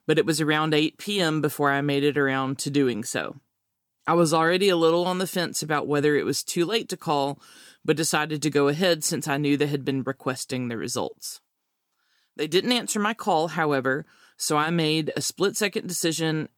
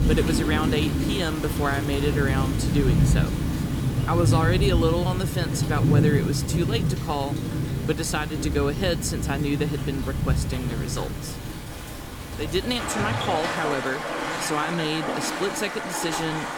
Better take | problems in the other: first | rain or running water; very loud; throughout; 2 dB above the speech

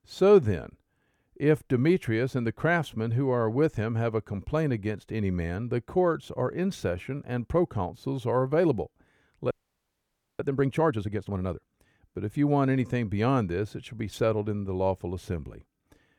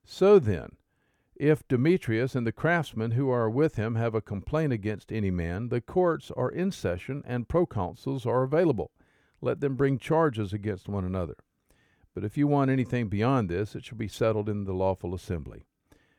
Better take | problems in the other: second | audio freezing; at 9.5 s for 1 s

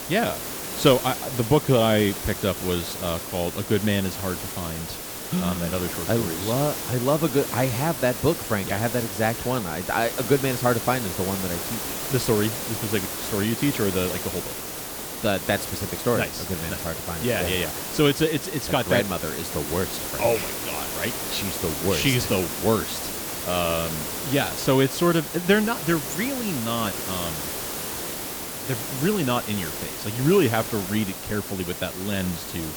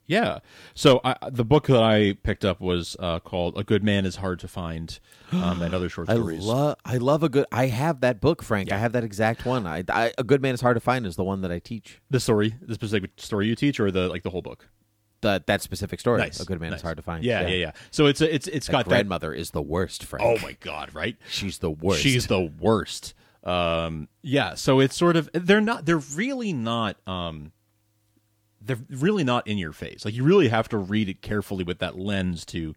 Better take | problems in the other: second | hiss; loud; throughout; 5 dB below the speech

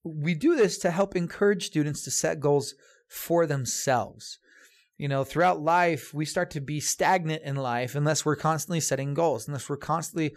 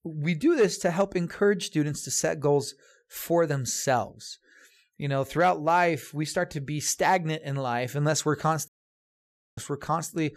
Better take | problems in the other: first | audio cutting out; at 8.5 s for 1 s

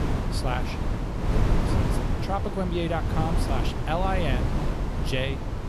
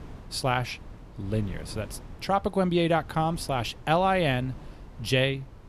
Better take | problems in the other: second | wind noise on the microphone; heavy; 3 dB below the speech; occasional gusts in the second

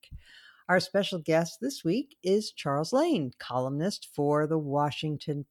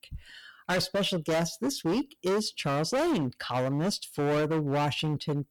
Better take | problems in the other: first | distortion; heavy; 20% of the sound clipped

